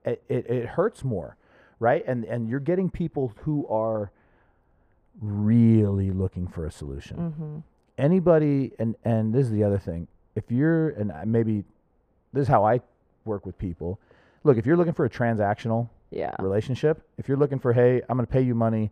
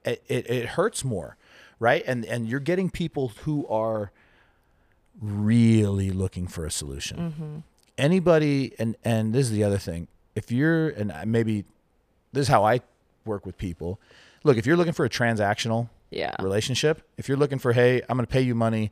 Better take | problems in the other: second | muffled; very; fading above 2 kHz

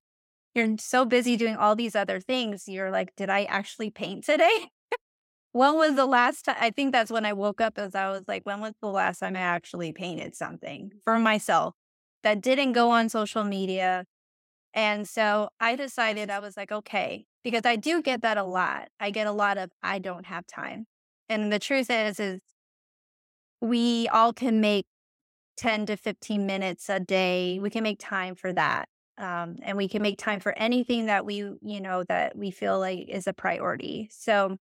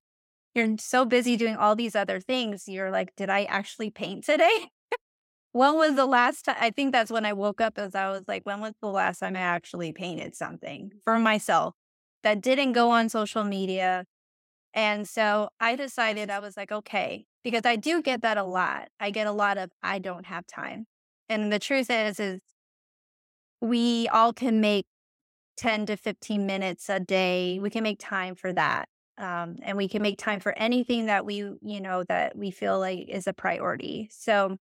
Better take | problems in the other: neither | none

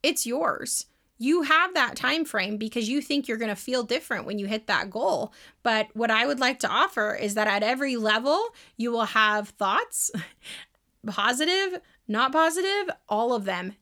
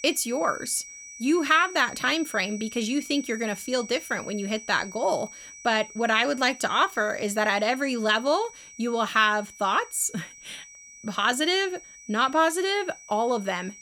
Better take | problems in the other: first | high-pitched whine; noticeable; throughout; 6 kHz, 15 dB below the speech

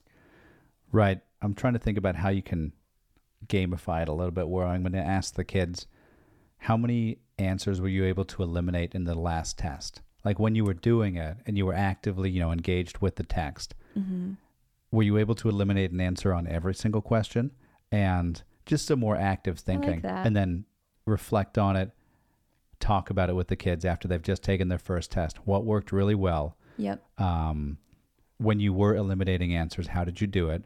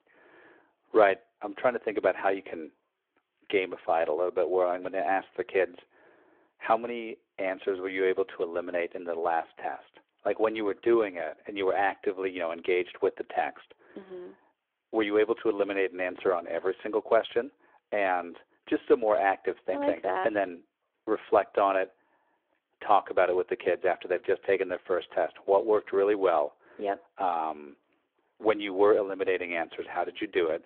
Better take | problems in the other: first | phone-call audio

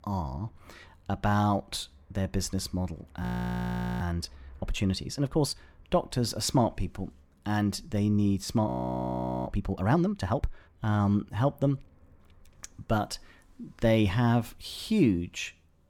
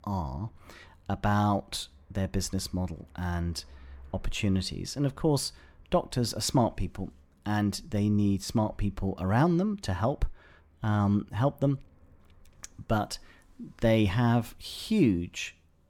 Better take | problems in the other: second | audio freezing; at 3 s for 1 s and at 8.5 s for 1 s

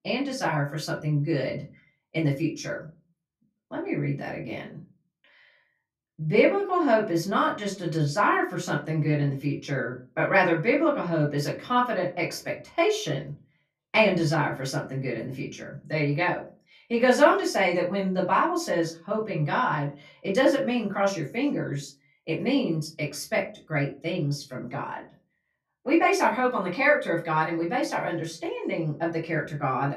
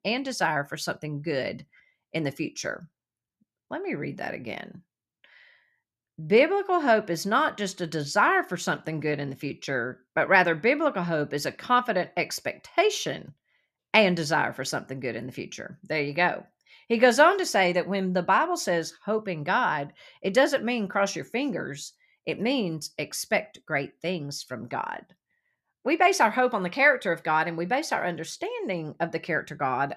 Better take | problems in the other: second | off-mic speech; far // room echo; very slight; dies away in 0.3 s

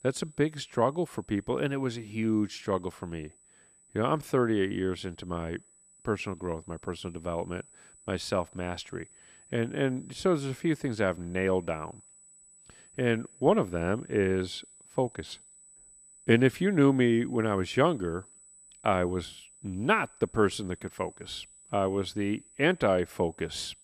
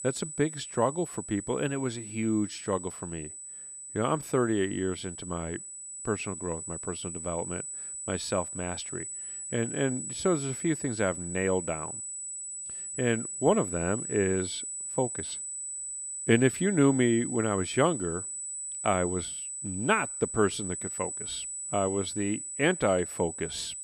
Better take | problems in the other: first | high-pitched whine; loud; throughout; 8 kHz, 6 dB below the speech; faint in the first

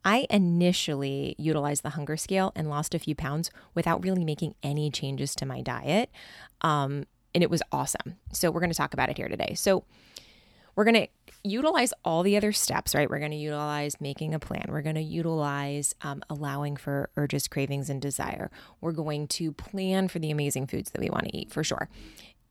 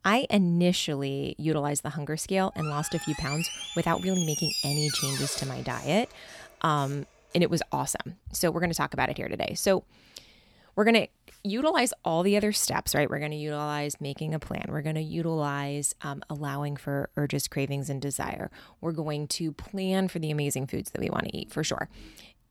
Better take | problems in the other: first | door banging; loud; from 2.5 to 7 s; peak 1 dB above the speech

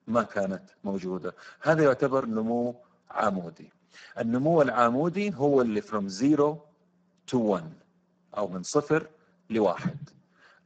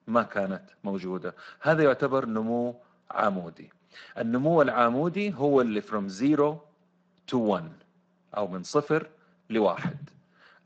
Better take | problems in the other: second | garbled, watery; badly; nothing above 7.5 kHz; slightly in the second

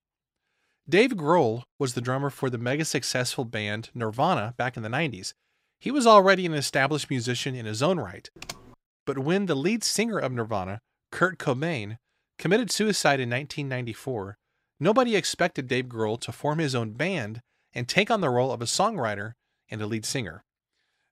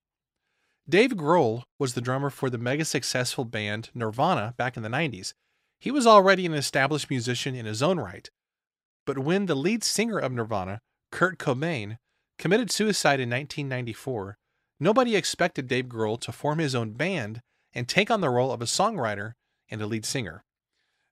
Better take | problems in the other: second | keyboard typing; faint; at 8.5 s; peak 15 dB below the speech

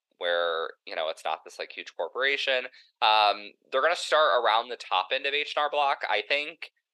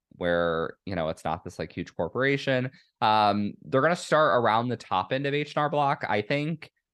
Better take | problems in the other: second | thin; very; fading below 450 Hz

